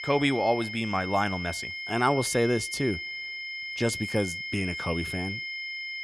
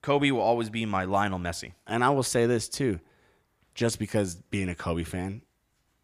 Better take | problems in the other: second | high-pitched whine; loud; throughout; 2 kHz, 5 dB below the speech

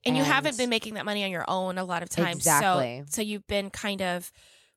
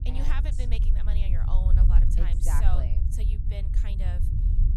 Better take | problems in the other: first | low rumble; loud; throughout; 3 dB below the speech

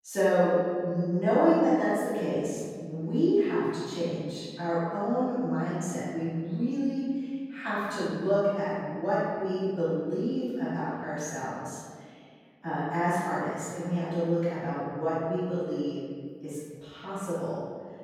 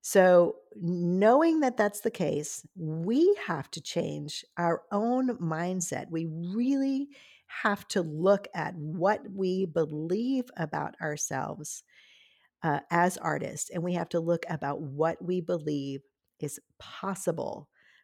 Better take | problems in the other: second | room echo; strong; dies away in 1.7 s // off-mic speech; far

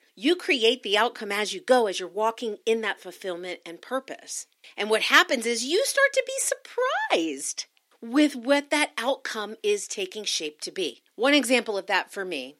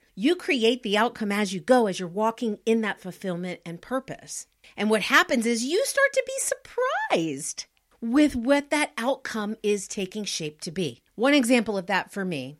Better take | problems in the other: second | thin; very slightly; fading below 300 Hz

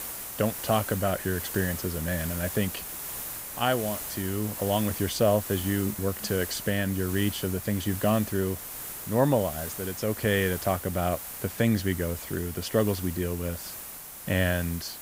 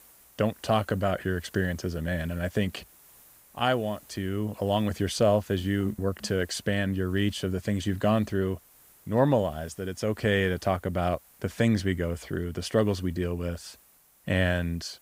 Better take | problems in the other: second | hiss; loud; throughout; 7 dB below the speech; faint in the second

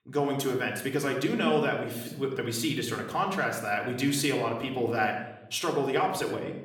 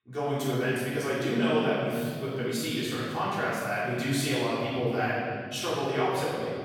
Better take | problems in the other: first | room echo; strong; dies away in 2.5 s; slight in the first // off-mic speech; far; somewhat distant in the first

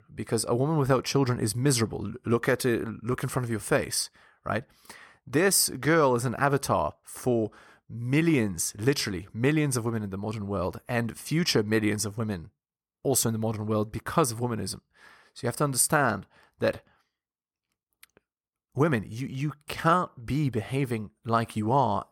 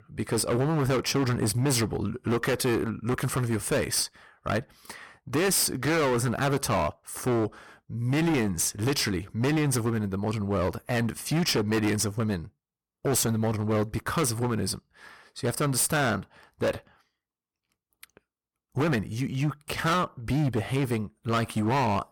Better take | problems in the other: first | distortion; heavy; 16% of the sound clipped

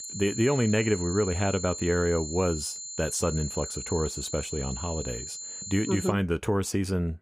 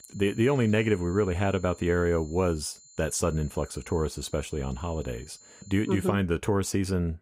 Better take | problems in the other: second | high-pitched whine; loud; until 6 s; 7 kHz, 7 dB below the speech; faint in the second

